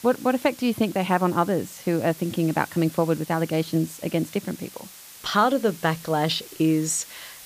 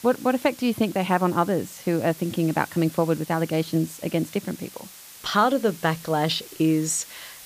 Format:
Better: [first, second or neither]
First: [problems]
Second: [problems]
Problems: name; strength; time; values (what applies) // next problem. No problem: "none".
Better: neither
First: hiss; noticeable; throughout; 20 dB below the speech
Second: hiss; noticeable; throughout; 20 dB below the speech